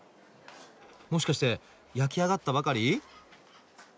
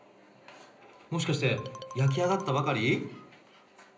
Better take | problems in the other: first | background sound (Marimba, xylophone); 14 dB below the speech // room echo; dies away in 0.5 s

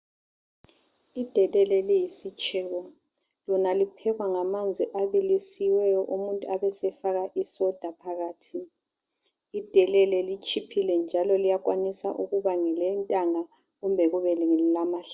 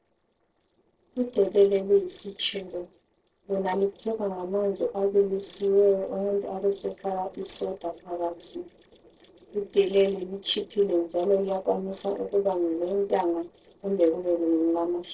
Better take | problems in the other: first | noise reduction (neural separator model SepFormer DNS4)

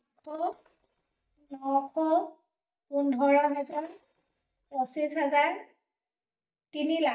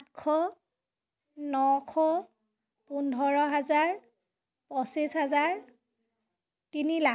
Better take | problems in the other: second | noise reduction (neural mask model DeepFilterNet 3)

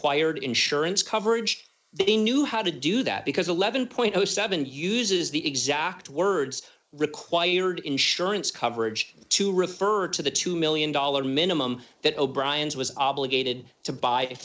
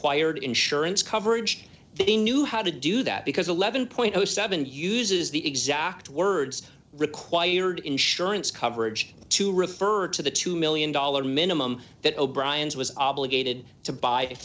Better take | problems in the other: second | noise reduction (neural mask model Resemble Enhance denoiser)

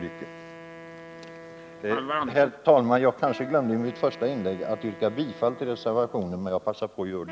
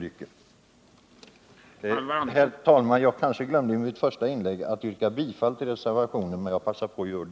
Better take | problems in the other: second | background sound (Wind instrument, woodwind instrument); 18 dB below the speech

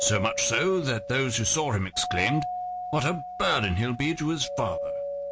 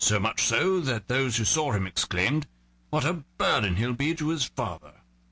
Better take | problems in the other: second | background sound (Doorbell); 7 dB below the speech

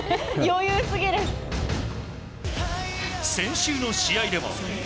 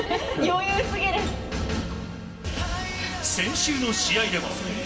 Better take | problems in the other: first | room echo; dies away in 1.7 s

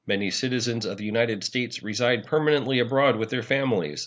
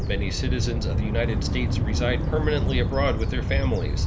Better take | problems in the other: first | background sound (Bird vocalization, bird call, bird song); 5 dB above the speech

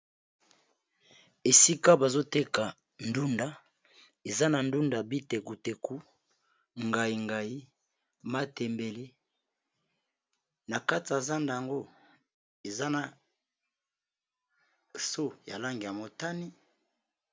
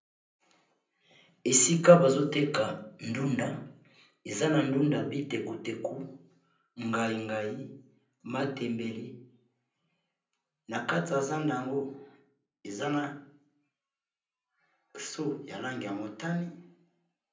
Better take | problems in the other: first | room echo; dies away in 0.6 s

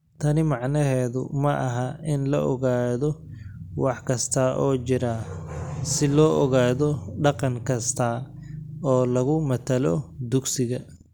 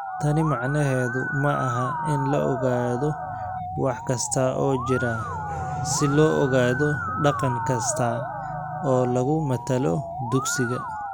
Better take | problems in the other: first | background sound (Musical instrument); 6 dB below the speech

